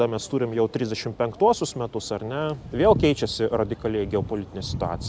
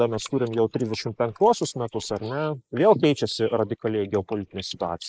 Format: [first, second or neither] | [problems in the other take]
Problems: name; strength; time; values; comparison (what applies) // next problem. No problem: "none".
first | noise reduction (neural mask model Resemble Enhance denoiser)